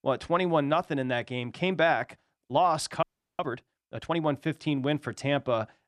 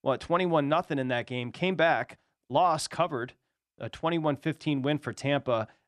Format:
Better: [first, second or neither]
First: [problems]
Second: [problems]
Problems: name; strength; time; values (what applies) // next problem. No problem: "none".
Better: second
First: audio freezing; at 3 s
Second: none